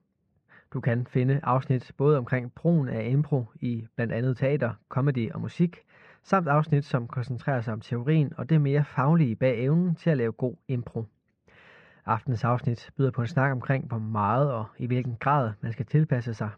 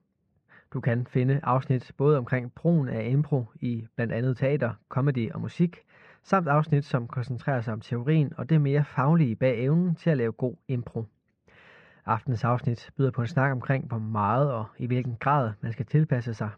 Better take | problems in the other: neither | muffled; very; fading above 2.5 kHz; the same in both

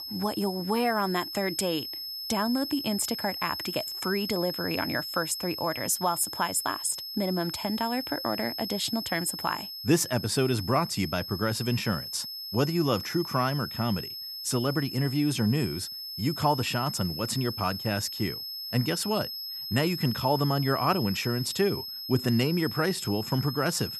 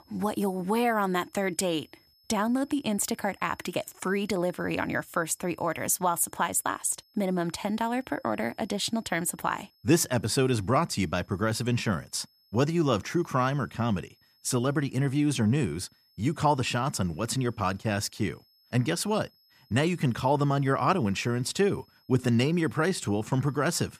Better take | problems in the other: second | high-pitched whine; loud; throughout; 5 kHz, 6 dB below the speech; faint in the second

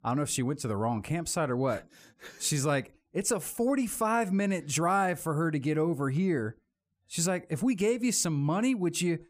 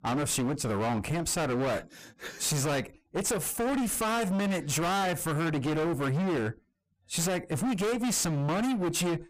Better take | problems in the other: first | distortion; heavy; 37% of the sound clipped

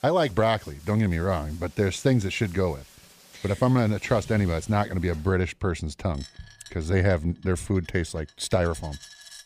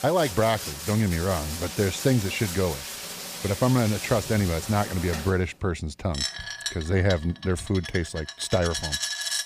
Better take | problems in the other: first | household noises; loud; throughout; 7 dB below the speech; faint in the first

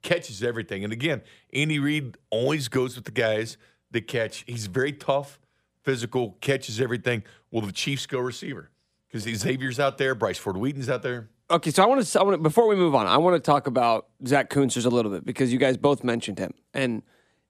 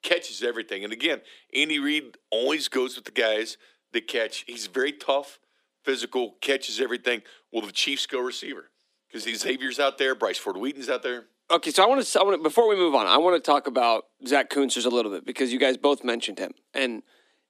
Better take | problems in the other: first | thin; very slightly; fading below 250 Hz

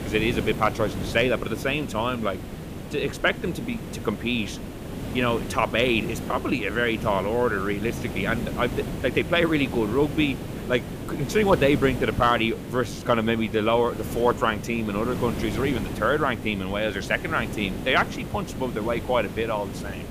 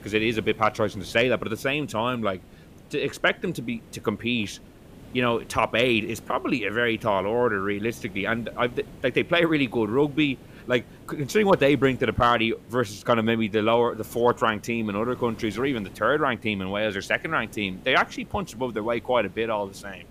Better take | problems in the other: second | hiss; loud; throughout; 8 dB below the speech; faint in the second

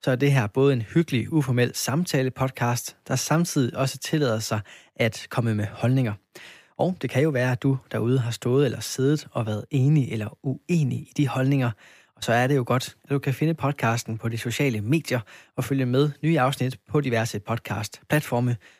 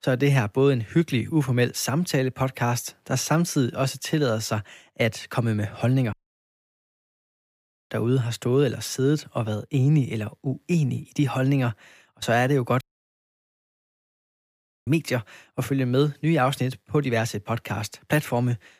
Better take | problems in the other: first | audio cutting out; at 6 s for 2 s and at 13 s for 2 s

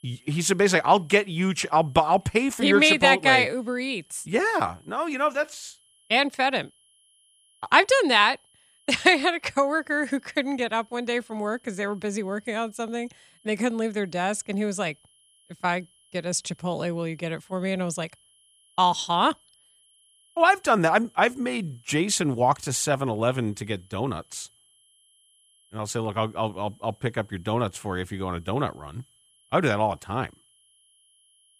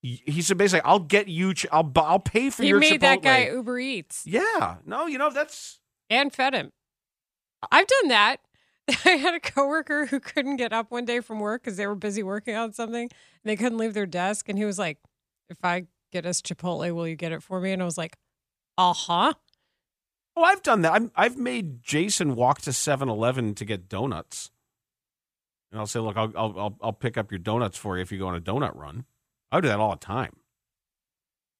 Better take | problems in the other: second | high-pitched whine; faint; throughout; 3 kHz, 35 dB below the speech

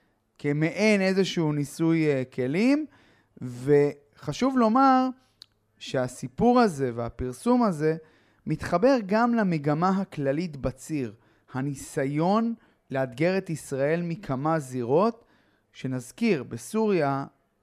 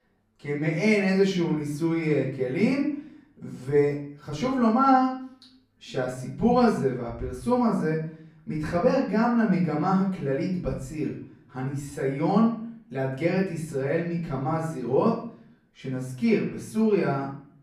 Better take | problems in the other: first | room echo; noticeable; dies away in 0.5 s // off-mic speech; far

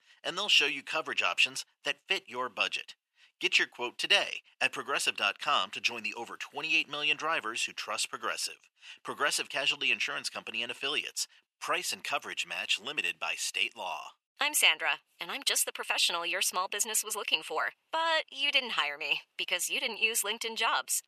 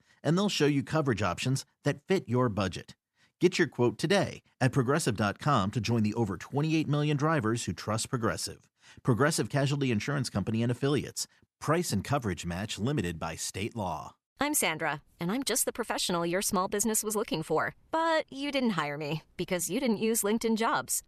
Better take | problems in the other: second | thin; very; fading below 750 Hz

